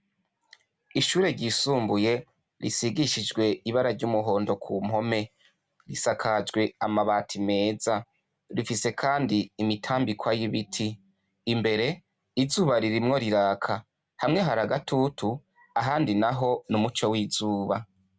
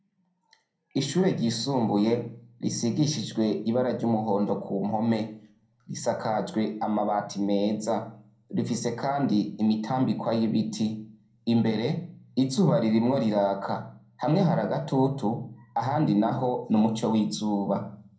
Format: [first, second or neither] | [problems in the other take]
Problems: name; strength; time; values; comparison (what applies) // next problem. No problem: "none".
first | room echo; dies away in 0.5 s